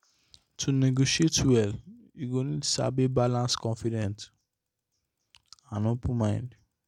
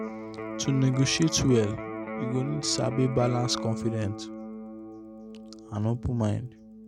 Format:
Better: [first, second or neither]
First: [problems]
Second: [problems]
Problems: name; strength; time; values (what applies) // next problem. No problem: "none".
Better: first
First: none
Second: background sound (Electric guitar); 8 dB below the speech